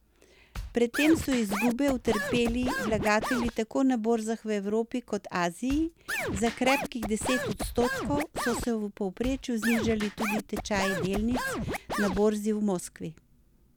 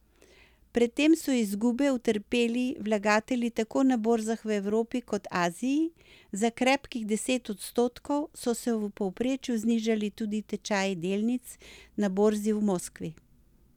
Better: second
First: background sound (Scratching (performance technique)); 5 dB below the speech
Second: none

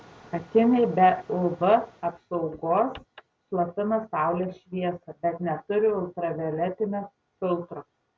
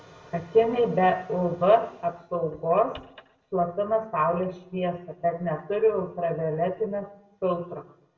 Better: first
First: none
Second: room echo; dies away in 0.6 s

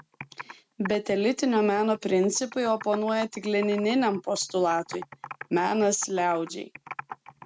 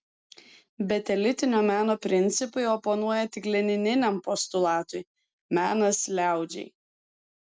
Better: second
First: background sound (Computer keyboard); 17 dB below the speech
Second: none

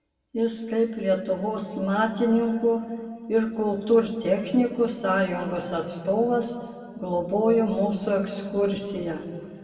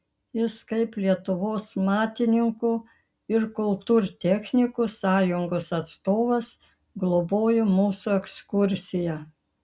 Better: second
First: room echo; dies away in 1.8 s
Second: none

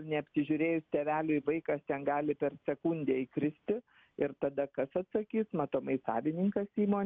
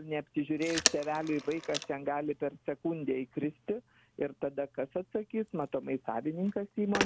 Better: first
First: none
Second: background sound (Telephone); 6 dB below the speech

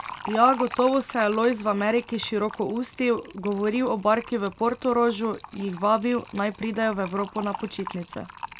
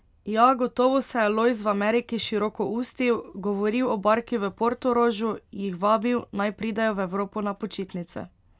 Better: second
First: background sound (Fill (with liquid)); 15 dB below the speech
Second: none

